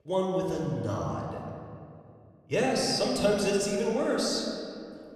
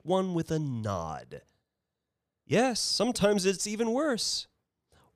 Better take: second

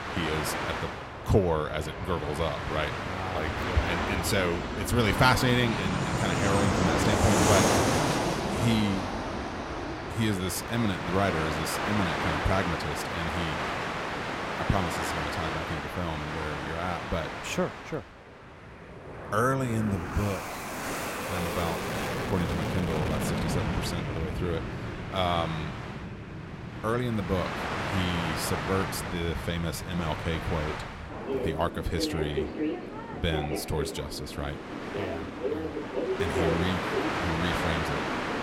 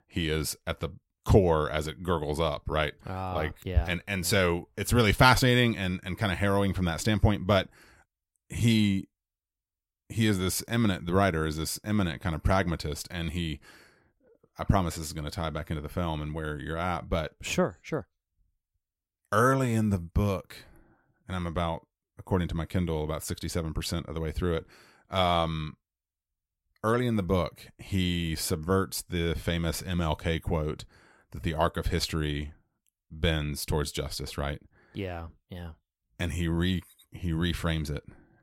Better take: second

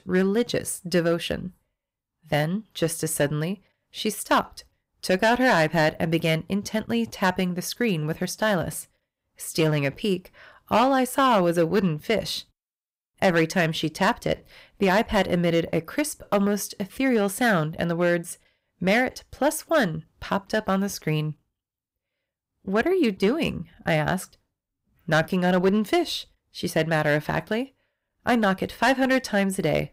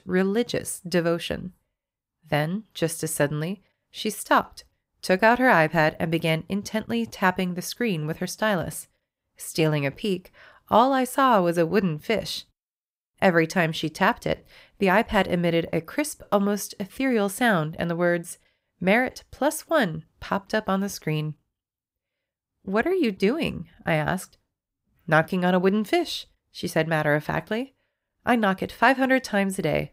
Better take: second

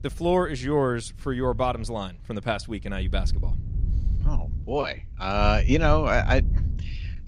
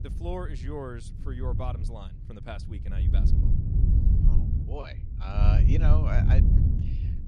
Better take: first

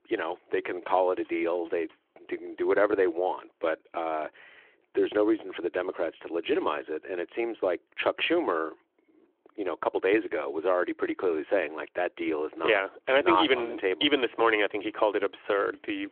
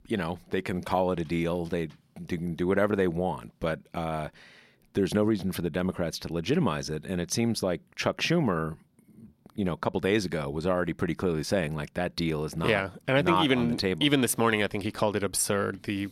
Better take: second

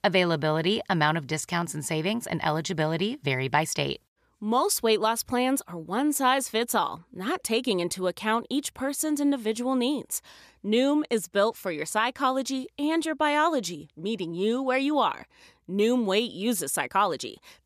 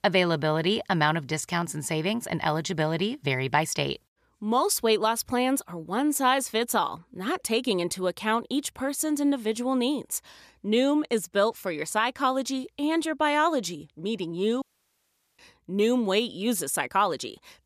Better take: first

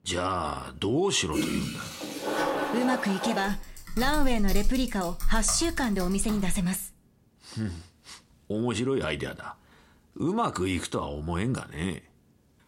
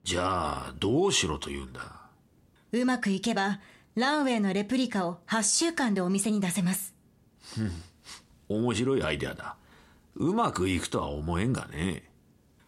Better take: second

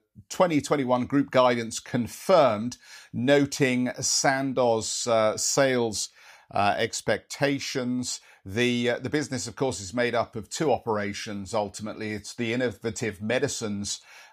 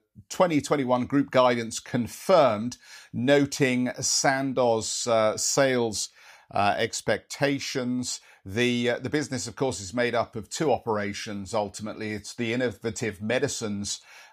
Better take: neither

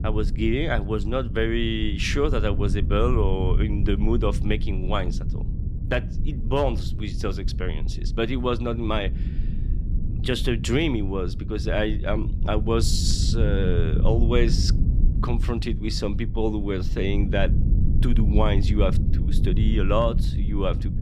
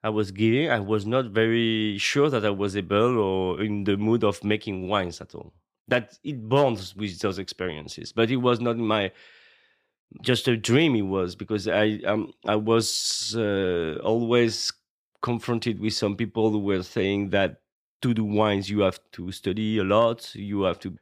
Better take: second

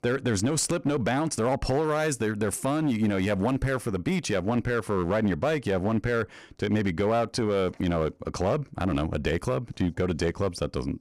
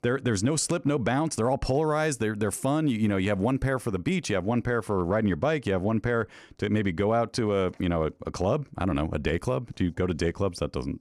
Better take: second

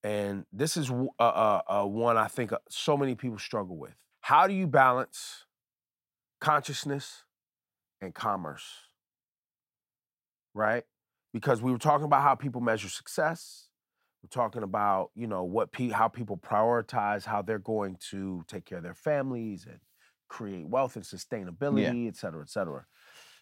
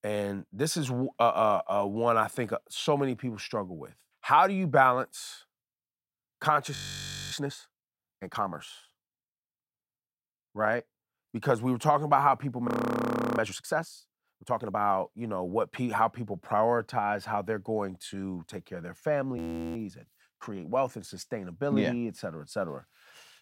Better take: first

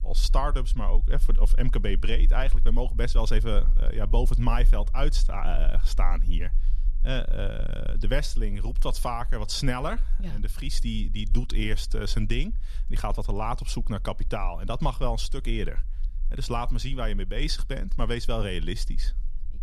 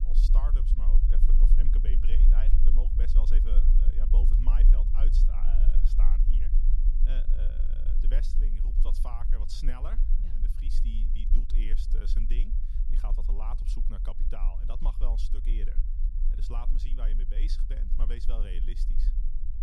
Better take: first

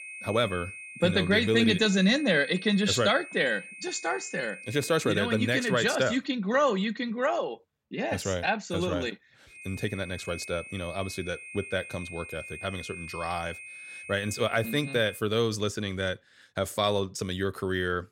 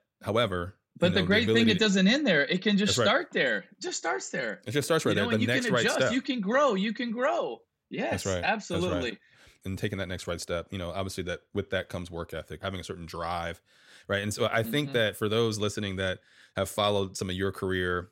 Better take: second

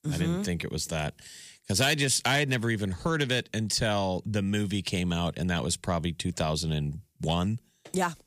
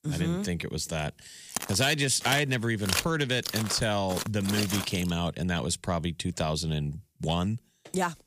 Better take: first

